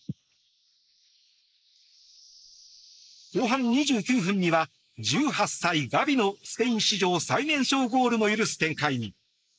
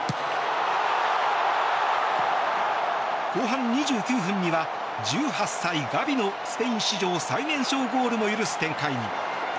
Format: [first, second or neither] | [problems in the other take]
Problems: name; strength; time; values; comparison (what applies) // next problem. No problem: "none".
second | noise reduction (neural mask model Resemble Enhance denoiser)